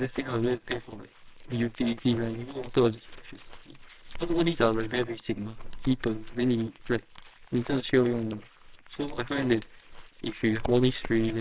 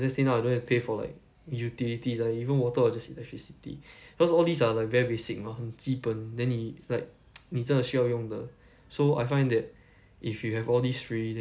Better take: second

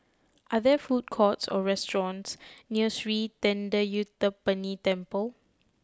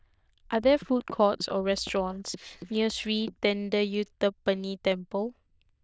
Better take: first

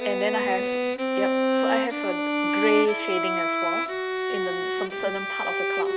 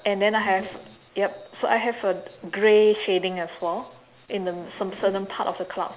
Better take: second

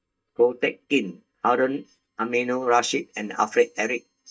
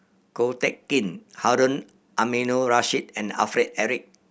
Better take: second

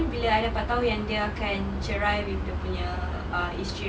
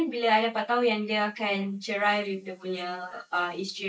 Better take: first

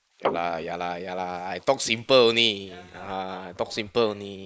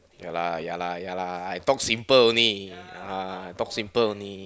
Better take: second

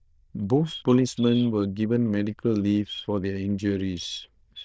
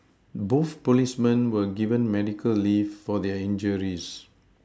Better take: second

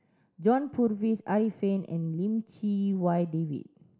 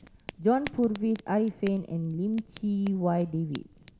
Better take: first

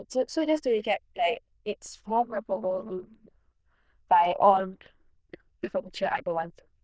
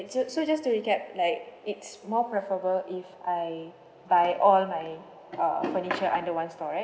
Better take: second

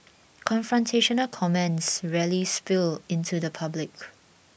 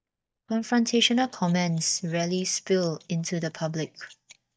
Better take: first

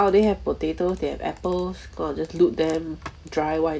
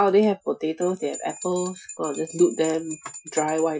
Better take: first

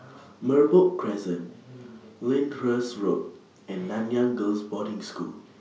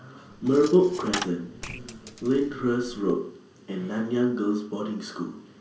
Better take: first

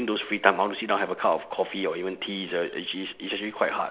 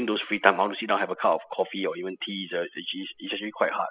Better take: first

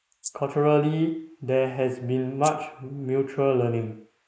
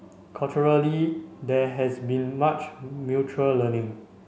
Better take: second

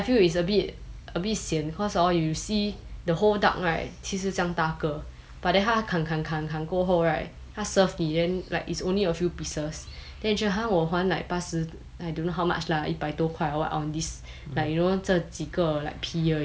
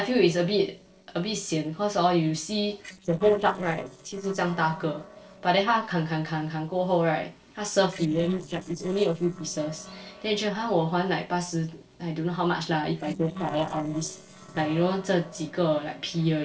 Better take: first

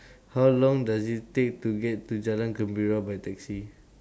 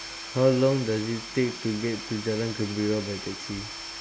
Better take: first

